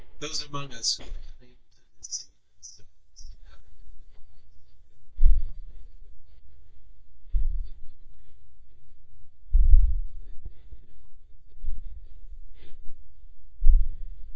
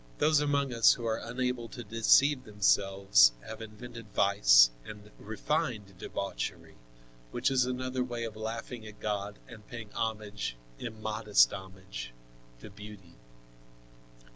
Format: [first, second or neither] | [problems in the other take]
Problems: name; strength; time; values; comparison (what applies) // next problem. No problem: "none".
second | noise reduction (neural mask model DeepFilterNet 3)